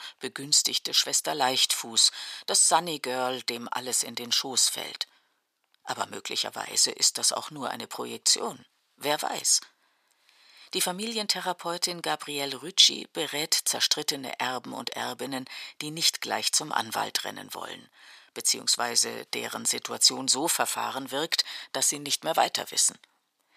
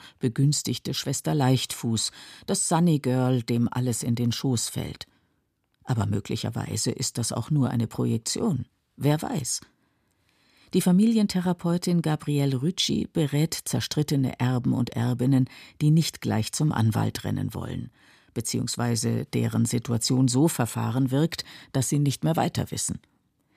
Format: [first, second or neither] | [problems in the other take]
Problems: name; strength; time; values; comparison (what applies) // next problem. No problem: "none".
second | thin; very; fading below 750 Hz